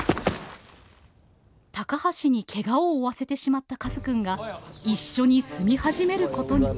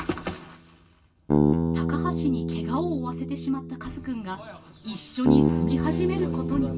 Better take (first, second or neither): first